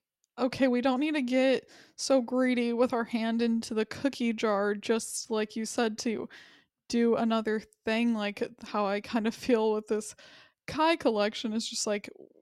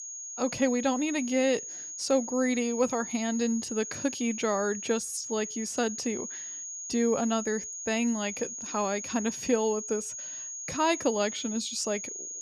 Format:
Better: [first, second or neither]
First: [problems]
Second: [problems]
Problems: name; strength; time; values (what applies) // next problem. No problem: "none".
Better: first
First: none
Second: high-pitched whine; loud; throughout; 6.5 kHz, 7 dB below the speech